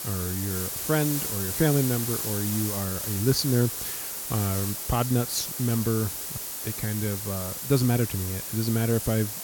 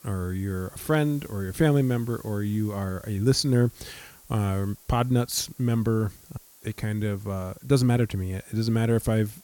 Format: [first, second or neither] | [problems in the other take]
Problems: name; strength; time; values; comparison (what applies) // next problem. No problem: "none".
second | hiss; loud; throughout; 3 dB below the speech; faint in the second